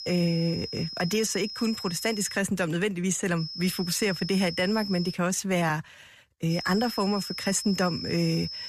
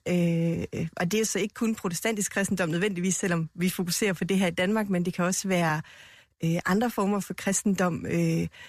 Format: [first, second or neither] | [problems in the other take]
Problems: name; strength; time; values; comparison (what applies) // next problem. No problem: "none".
second | high-pitched whine; loud; until 2.5 s, from 3.5 to 5 s and from 6.5 s on; 5 kHz, 8 dB below the speech